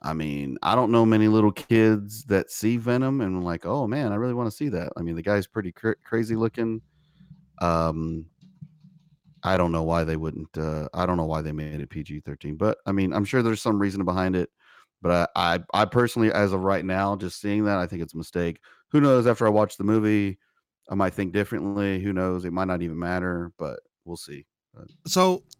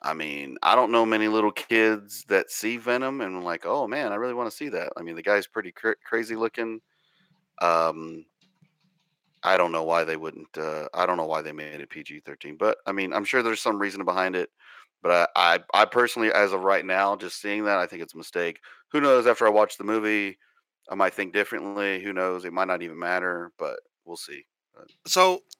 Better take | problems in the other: first | thin; somewhat; fading below 500 Hz

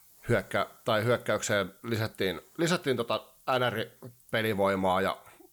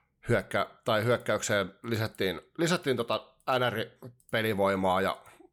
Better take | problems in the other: second | hiss; faint; throughout; 25 dB below the speech

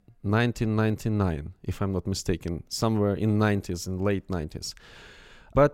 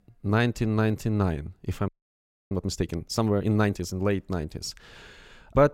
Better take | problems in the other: first | audio freezing; at 2 s for 0.5 s

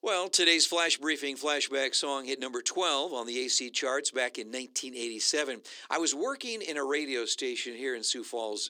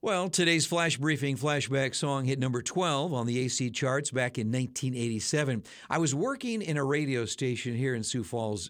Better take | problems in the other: second | thin; somewhat; fading below 300 Hz

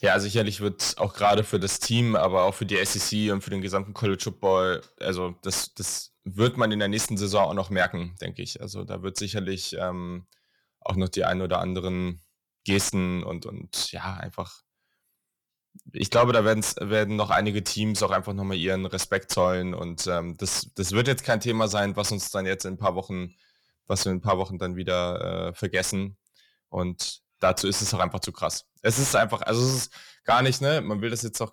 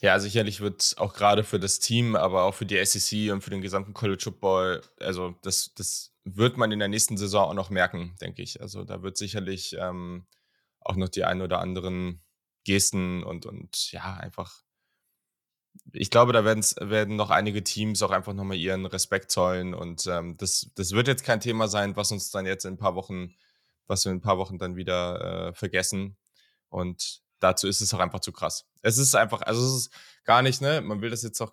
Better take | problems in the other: second | distortion; slight; 10 dB below the speech

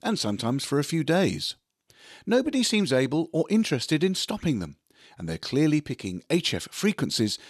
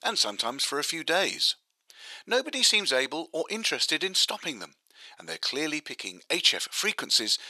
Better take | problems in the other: first | thin; very; fading below 700 Hz

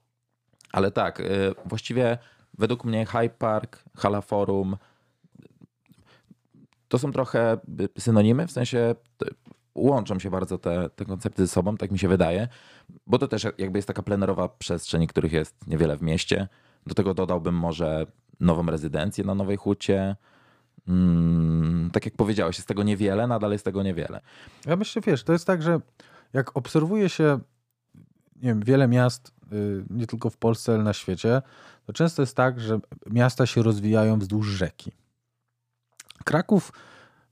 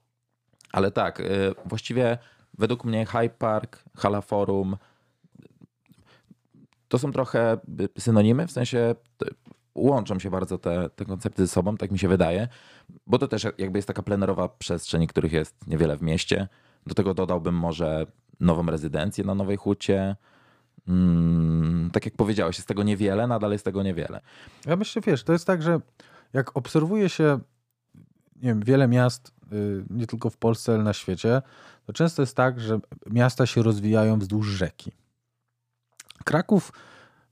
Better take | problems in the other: neither | none

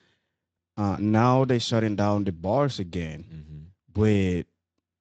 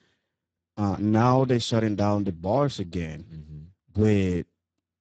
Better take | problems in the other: first | garbled, watery; badly; nothing above 8 kHz; slightly in the first

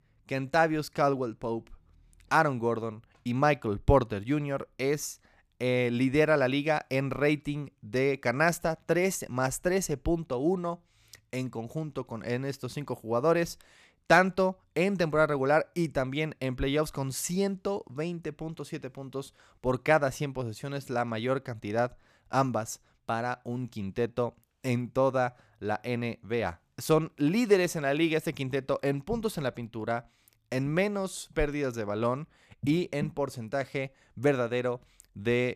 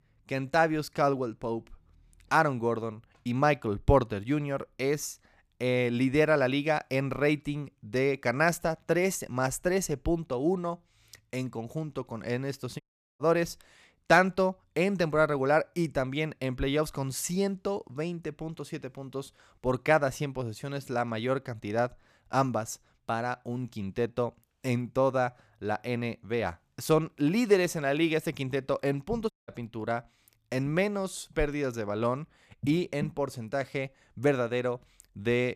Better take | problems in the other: first | audio cutting out; at 13 s and at 29 s

